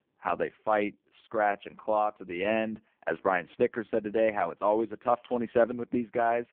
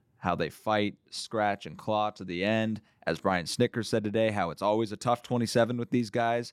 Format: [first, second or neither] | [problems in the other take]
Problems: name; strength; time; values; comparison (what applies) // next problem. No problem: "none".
second | phone-call audio; poor line